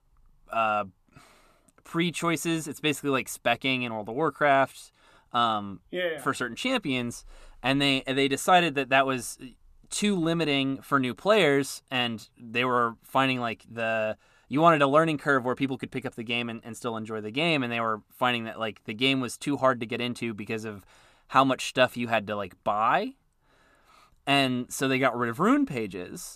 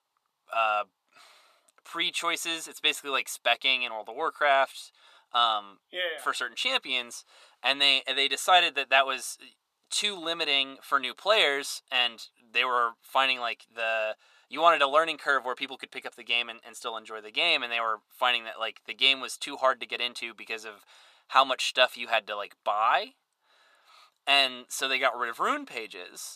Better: first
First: none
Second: thin; very; fading below 700 Hz

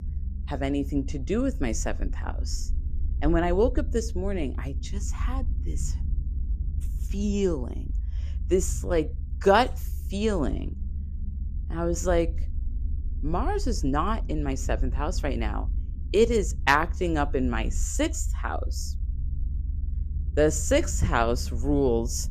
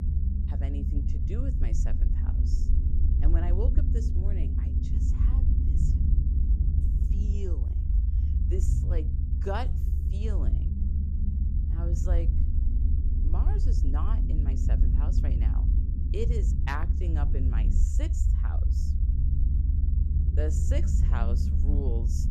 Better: first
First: low rumble; faint; throughout; 25 dB below the speech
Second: low rumble; loud; throughout; 3 dB below the speech

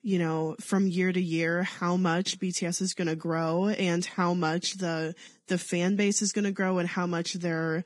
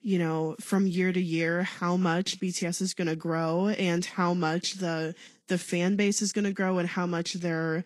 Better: second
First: garbled, watery; badly; nothing above 10.5 kHz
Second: garbled, watery; slightly; nothing above 11.5 kHz

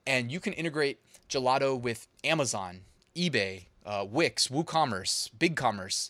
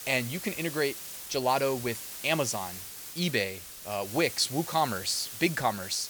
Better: first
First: none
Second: hiss; loud; throughout; 9 dB below the speech

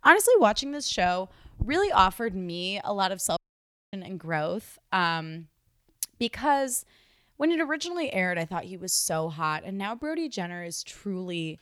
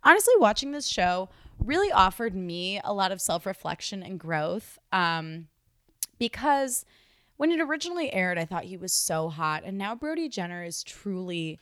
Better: second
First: audio cutting out; at 3.5 s for 0.5 s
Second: none

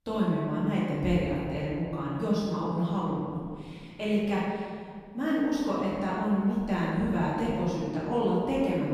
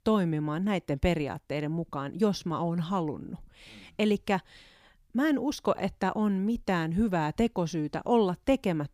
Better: second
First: room echo; strong; dies away in 1.8 s // off-mic speech; far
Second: none

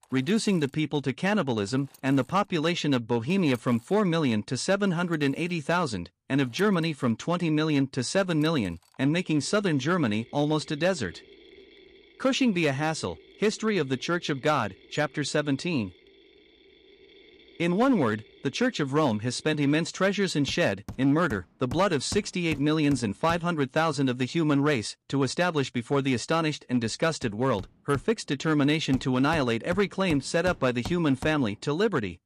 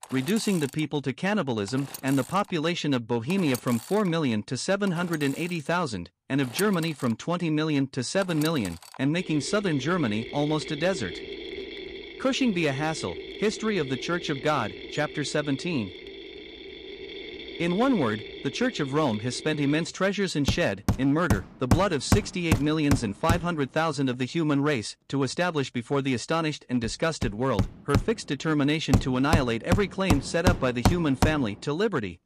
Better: first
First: machinery noise; faint; throughout; 20 dB below the speech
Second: machinery noise; loud; throughout; 6 dB below the speech

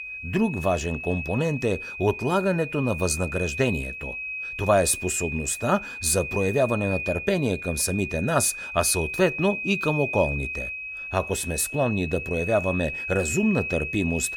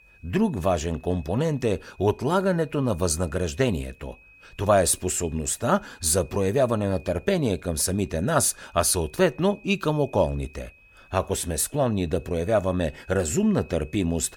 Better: second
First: high-pitched whine; loud; throughout; 2.5 kHz, 6 dB below the speech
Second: high-pitched whine; faint; throughout; 2.5 kHz, 30 dB below the speech

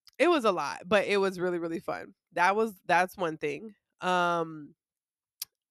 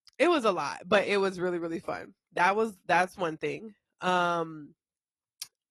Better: first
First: none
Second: garbled, watery; slightly; nothing above 12 kHz

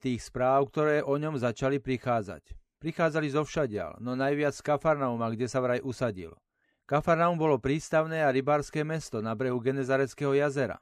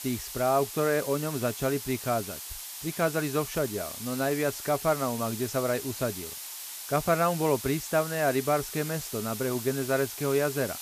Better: first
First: none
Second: hiss; loud; throughout; 8 dB below the speech

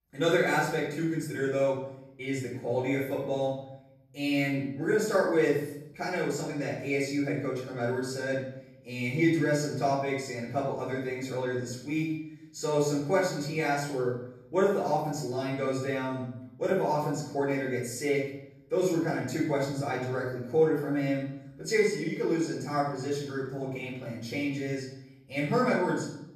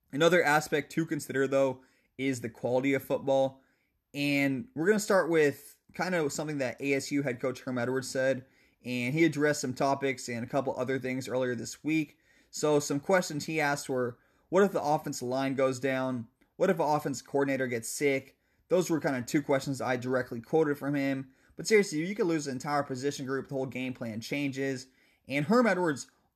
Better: second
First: room echo; noticeable; dies away in 0.8 s // off-mic speech; far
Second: none

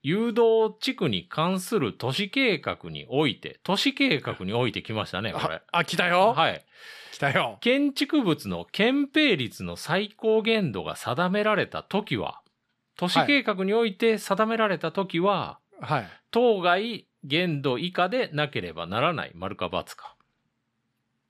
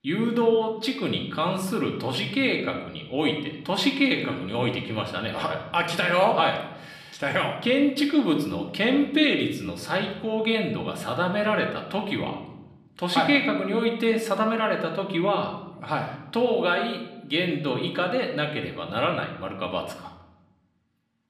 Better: first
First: none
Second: room echo; slight; dies away in 0.8 s

